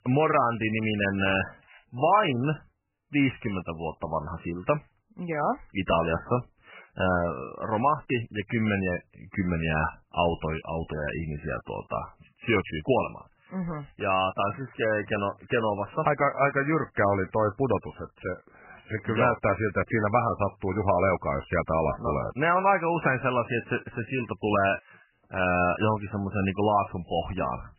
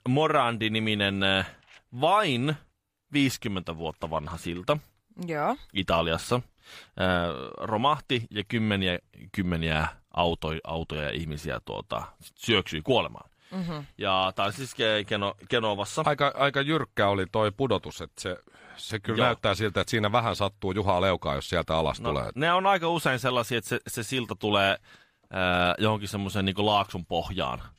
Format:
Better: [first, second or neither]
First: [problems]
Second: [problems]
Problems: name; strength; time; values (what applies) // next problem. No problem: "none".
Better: second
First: garbled, watery; badly; nothing above 3 kHz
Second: none